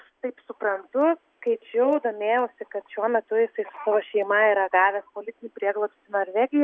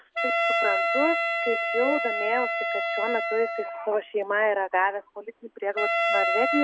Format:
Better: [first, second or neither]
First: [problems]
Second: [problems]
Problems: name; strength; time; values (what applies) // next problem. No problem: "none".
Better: first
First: none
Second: background sound (Wind instrument, woodwind instrument); as loud as the speech